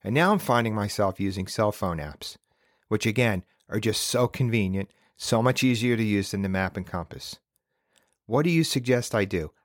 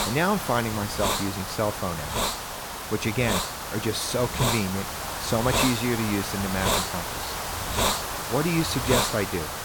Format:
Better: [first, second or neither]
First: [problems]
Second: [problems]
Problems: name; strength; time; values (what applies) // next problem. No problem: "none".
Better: first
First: none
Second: hiss; loud; throughout; as loud as the speech